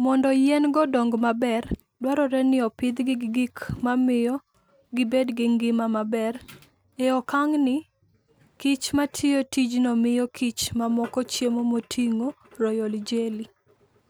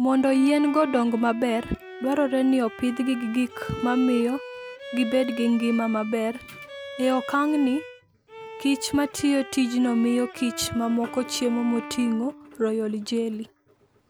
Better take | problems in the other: first | background sound (Bowed string instrument); 14 dB below the speech

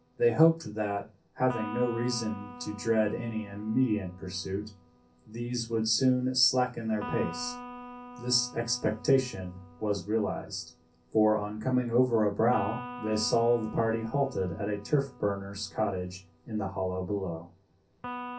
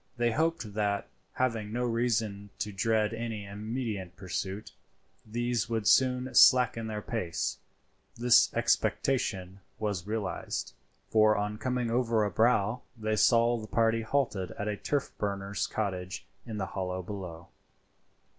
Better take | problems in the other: second | background sound (Electric guitar); 16 dB below the speech // room echo; dies away in 0.3 s

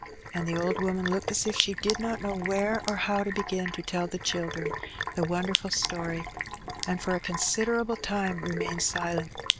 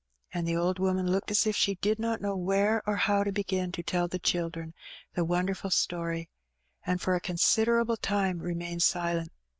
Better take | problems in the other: second | background sound (Sink (filling or washing)); 5 dB below the speech

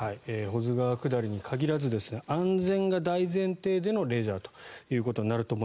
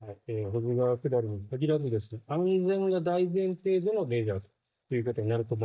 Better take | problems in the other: first | noise reduction (neural mask model DeepFilterNet 3)

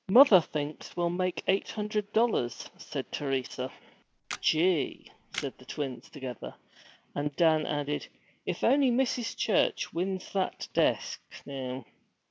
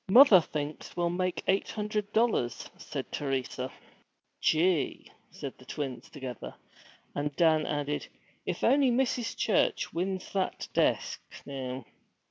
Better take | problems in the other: second | background sound (Camera); 15 dB below the speech

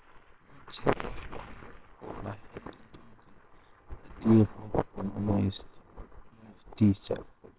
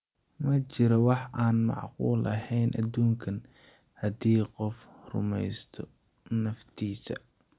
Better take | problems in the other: second | noise reduction (neural separator model SepFormer WHAMR!)

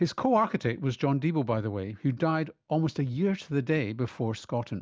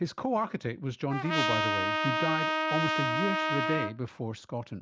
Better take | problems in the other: first | background sound (Trumpet); 3 dB above the speech

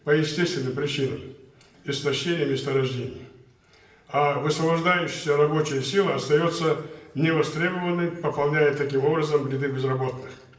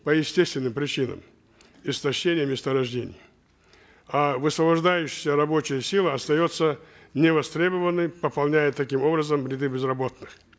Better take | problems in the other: second | room echo; dies away in 0.7 s

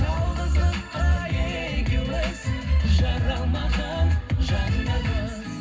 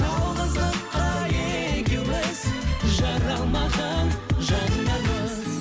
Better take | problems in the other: second | room echo; dies away in 0.4 s

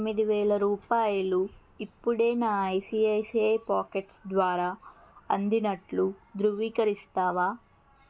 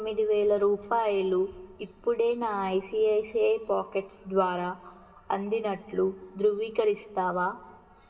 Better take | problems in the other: first | room echo; dies away in 2.6 s

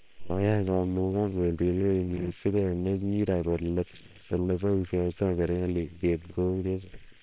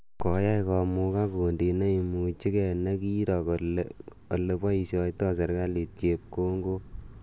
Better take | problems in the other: second | noise reduction (neural separator model SepFormer WHAM!)

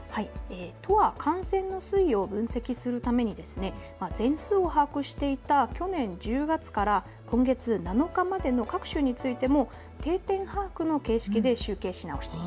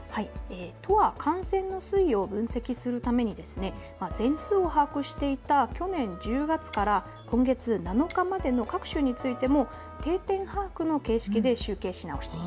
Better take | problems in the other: first | background sound (Wind instrument, woodwind instrument + Shatter); 20 dB below the speech

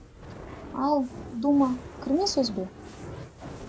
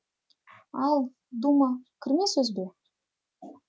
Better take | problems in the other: second | background sound (Fire); 13 dB below the speech

